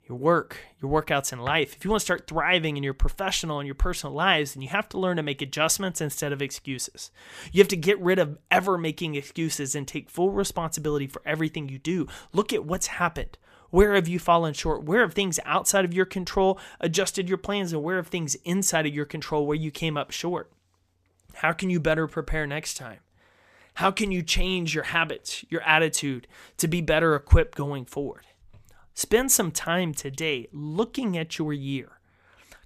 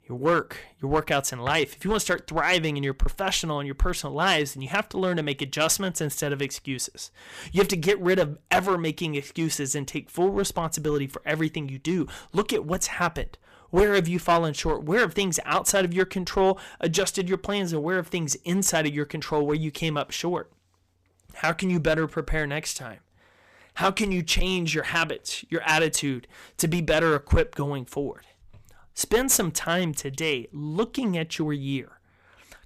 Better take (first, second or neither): first